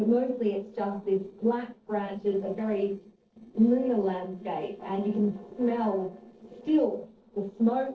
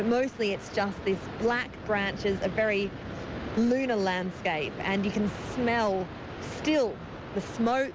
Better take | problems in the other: second | noise reduction (neural separator model SepFormer DNS4)

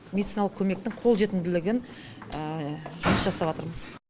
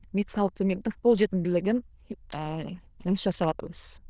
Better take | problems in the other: first | noise reduction (neural diffusion model UNIVERSE++)

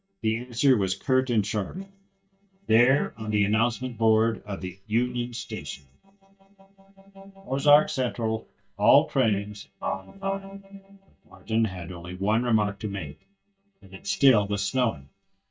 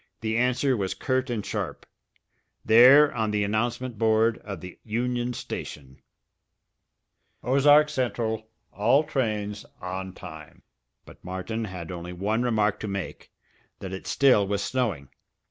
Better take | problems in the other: second | noise reduction (neural mask model DeepFilterNet 3)

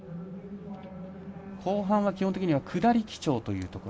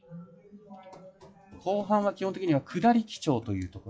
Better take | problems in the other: first | noise reduction (classical method log-MMSE)

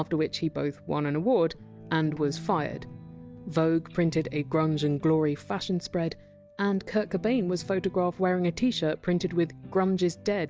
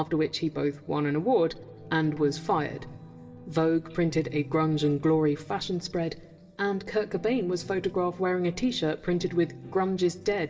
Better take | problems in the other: first | room echo; dies away in 2.6 s

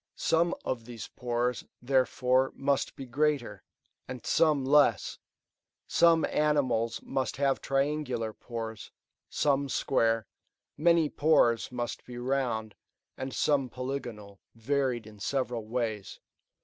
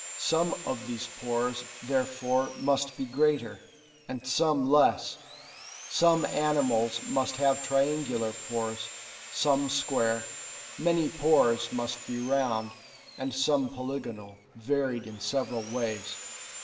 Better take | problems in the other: first | background sound (Sawing); 14 dB below the speech // room echo; dies away in 1.7 s

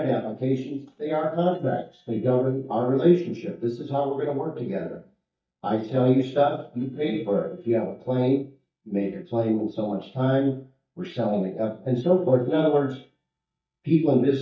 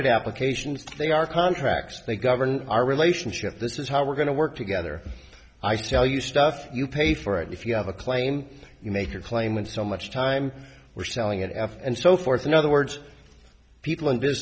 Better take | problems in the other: second | noise reduction (neural mask model DeepFilterNet 3)

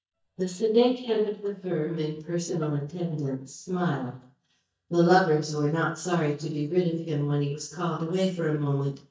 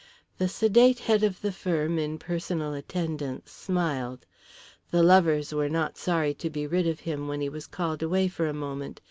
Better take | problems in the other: second | noise reduction (neural mask model DeepFilterNet 3)

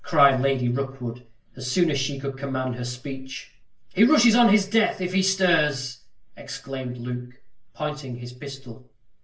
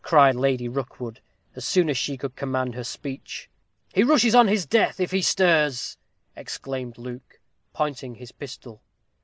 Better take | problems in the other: second | room echo; dies away in 0.3 s

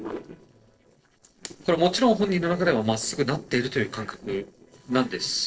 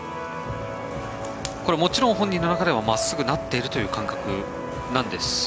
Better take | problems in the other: second | noise reduction (neural separator model SepFormer DNS4)

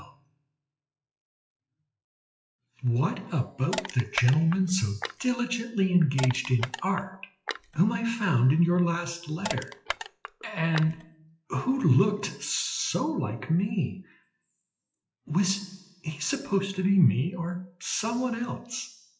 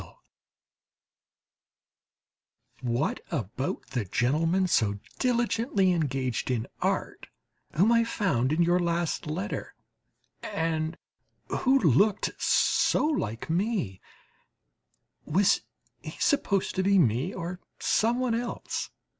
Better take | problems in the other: second | noise reduction (classical method WPE with log-MMSE)

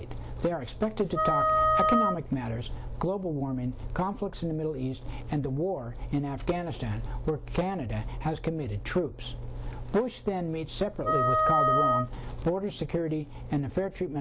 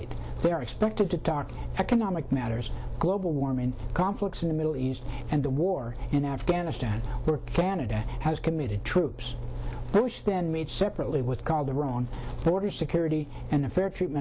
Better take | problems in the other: second | background sound (Wind instrument, woodwind instrument); 5 dB above the speech

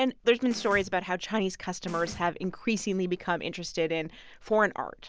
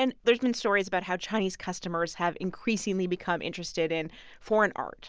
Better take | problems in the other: second | background sound (Snare drum); 18 dB below the speech

